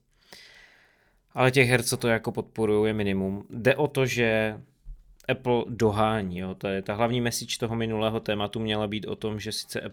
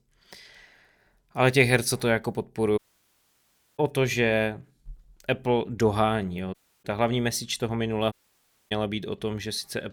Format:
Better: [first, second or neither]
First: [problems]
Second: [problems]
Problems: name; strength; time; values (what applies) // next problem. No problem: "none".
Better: first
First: none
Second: audio cutting out; at 3 s for 1 s, at 6.5 s and at 8 s for 0.5 s